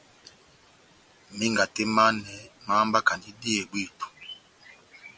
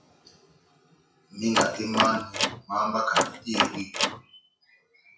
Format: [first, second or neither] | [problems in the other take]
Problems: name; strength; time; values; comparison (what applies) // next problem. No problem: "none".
first | noise reduction (classical method WPE with log-MMSE)